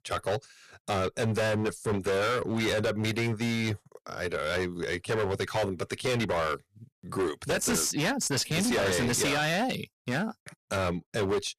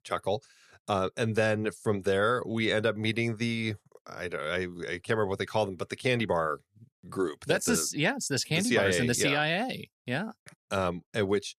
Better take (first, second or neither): second